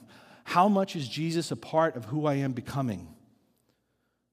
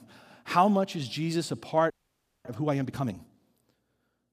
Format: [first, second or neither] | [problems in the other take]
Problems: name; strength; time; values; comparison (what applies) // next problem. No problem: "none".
first | audio freezing; at 2 s for 0.5 s